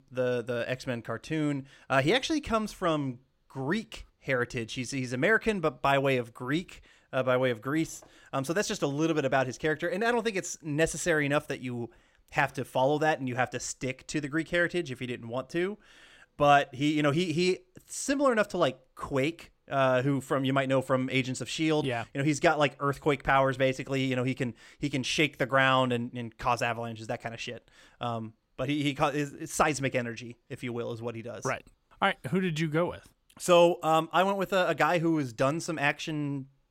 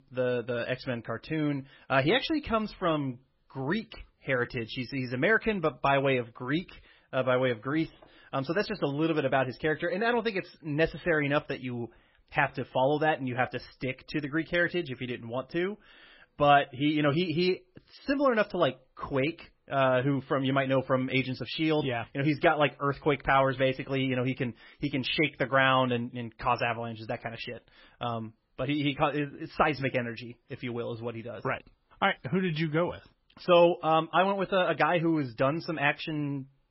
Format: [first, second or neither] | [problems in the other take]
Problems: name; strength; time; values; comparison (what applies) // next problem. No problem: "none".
first | garbled, watery; badly; nothing above 5.5 kHz